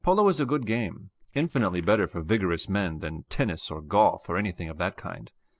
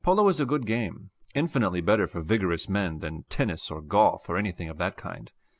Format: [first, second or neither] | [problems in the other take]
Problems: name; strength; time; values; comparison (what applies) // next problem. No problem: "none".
second | noise reduction (neural separator model SepFormer DNS4)